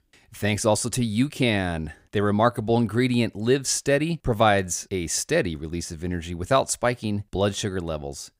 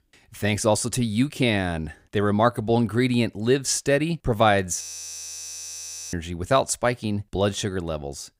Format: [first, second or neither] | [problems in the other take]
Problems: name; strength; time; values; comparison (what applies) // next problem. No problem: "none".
first | audio freezing; at 5 s for 1.5 s